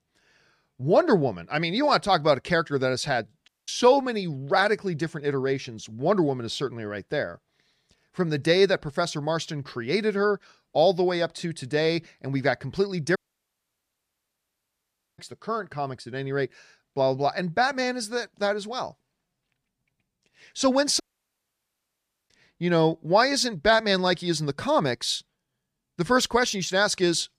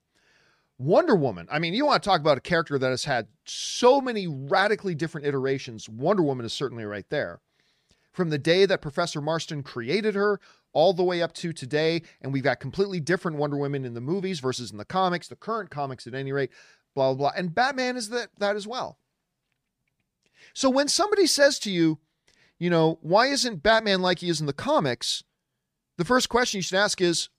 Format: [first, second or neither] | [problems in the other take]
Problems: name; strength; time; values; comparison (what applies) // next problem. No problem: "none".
second | audio cutting out; at 3.5 s, at 13 s for 2 s and at 21 s for 1.5 s